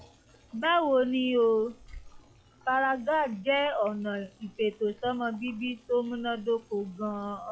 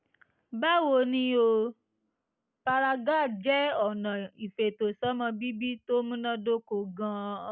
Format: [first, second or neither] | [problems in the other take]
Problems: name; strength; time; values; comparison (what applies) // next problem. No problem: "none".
second | noise reduction (classical method log-MMSE)